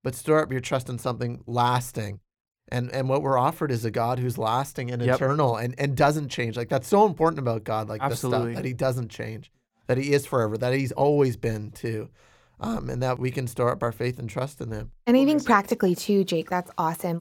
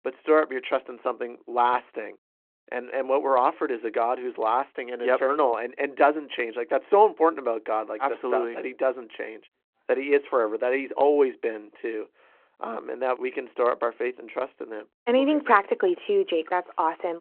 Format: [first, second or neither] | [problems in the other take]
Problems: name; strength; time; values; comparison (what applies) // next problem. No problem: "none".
first | phone-call audio